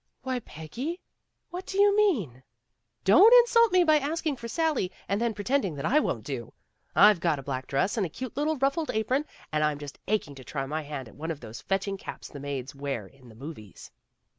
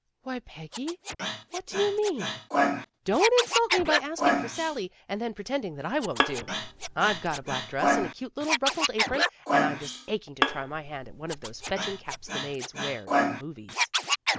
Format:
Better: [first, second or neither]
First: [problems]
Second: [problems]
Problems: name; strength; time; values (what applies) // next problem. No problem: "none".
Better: first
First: none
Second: background sound (Bowed string instrument + Scratching (performance technique)); 1 dB above the speech